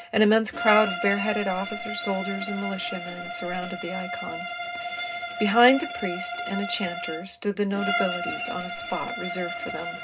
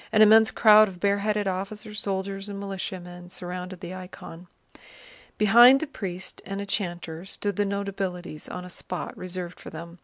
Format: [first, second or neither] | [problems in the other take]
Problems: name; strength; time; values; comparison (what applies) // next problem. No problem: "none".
second | background sound (Bowed string instrument); 5 dB below the speech // room echo; dies away in 0.2 s